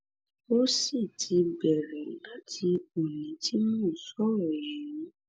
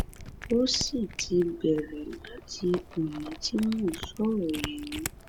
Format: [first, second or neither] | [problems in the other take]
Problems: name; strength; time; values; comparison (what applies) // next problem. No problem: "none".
first | background sound (Cat); 11 dB below the speech